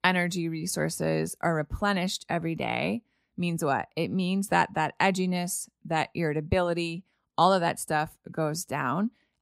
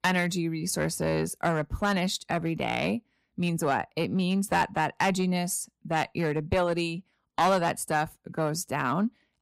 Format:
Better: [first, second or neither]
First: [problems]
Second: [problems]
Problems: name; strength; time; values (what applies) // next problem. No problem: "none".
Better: first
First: none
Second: distortion; slight; 4% of the sound clipped